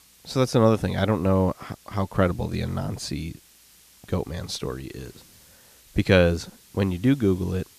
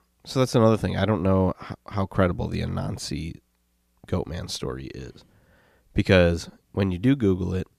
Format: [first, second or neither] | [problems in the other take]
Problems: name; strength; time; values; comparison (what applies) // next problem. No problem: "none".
second | hiss; faint; throughout; 25 dB below the speech